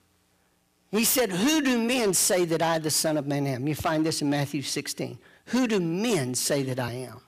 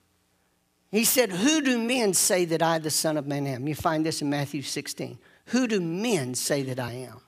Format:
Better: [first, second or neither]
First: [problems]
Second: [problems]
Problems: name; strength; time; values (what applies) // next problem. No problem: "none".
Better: second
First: distortion; slight; 7% of the sound clipped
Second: none